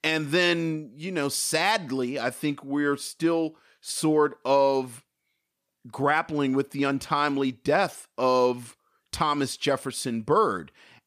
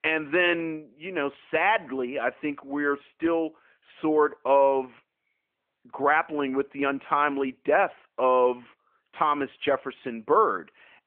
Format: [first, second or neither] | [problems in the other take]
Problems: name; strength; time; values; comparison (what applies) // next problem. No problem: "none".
first | phone-call audio